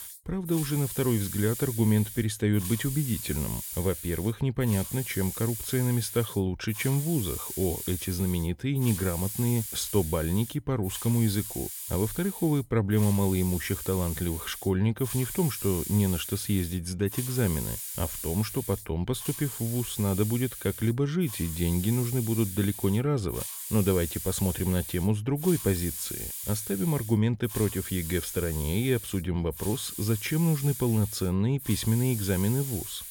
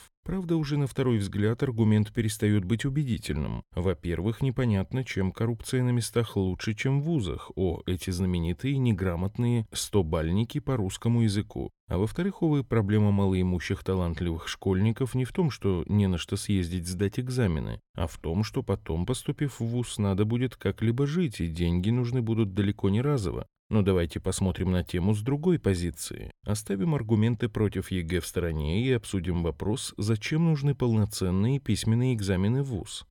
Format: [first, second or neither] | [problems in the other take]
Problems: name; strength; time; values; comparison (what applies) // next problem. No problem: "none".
second | hiss; loud; throughout; 7 dB below the speech